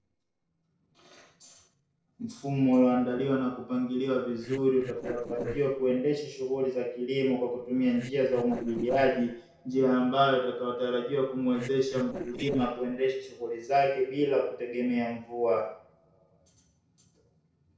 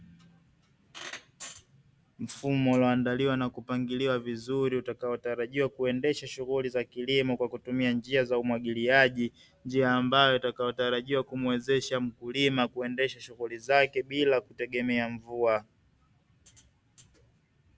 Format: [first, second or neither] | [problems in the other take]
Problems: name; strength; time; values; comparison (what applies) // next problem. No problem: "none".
second | noise reduction (neural separator model SepFormer DNS4)